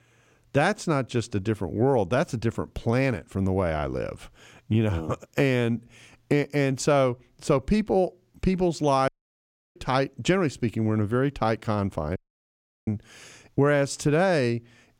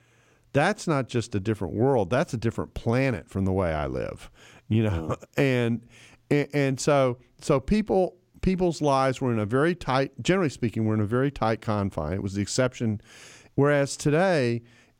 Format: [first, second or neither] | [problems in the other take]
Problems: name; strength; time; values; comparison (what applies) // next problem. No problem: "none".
second | audio cutting out; at 9 s for 0.5 s and at 12 s for 0.5 s